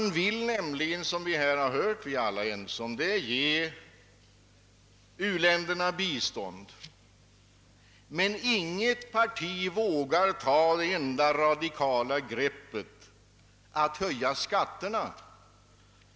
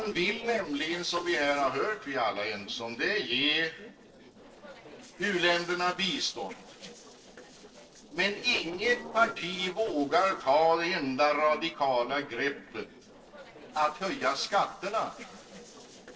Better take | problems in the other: first | noise reduction (neural separator model SepFormer DNS4)

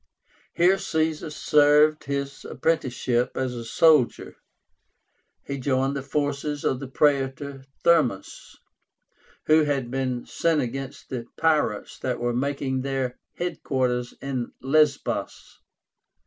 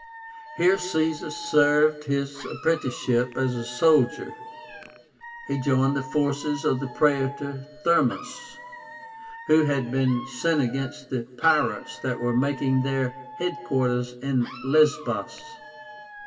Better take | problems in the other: first | background sound (Alarm / Dog); 16 dB below the speech // room echo; dies away in 1.3 s

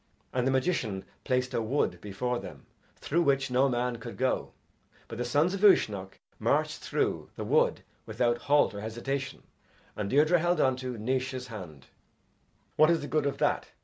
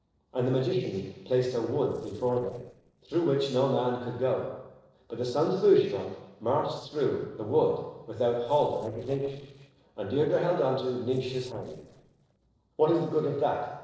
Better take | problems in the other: first | noise reduction (neural separator model SepFormer DNS4)

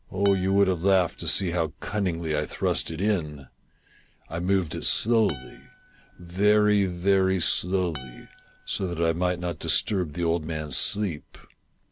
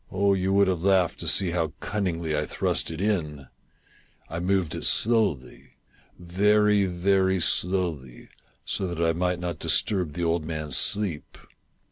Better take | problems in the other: second | background sound (Acoustic guitar); 20 dB below the speech

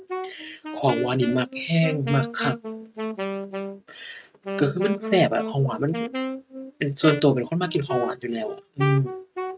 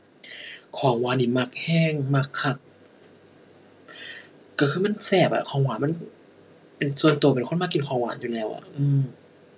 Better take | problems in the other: second | noise reduction (neural mask model RNNoise)

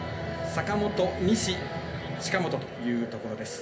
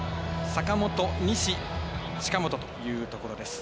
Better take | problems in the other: second | room echo; dies away in 0.3 s

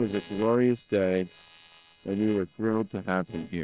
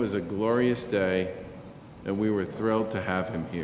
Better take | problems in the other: second | noise reduction (neural separator model SepFormer WHAM!)

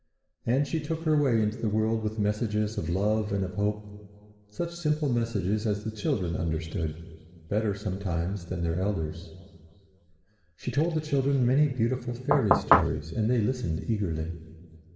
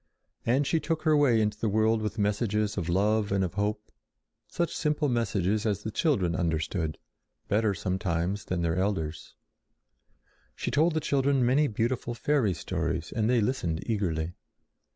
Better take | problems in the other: second | background sound (Knock / Wood); 5 dB above the speech // room echo; dies away in 2.2 s

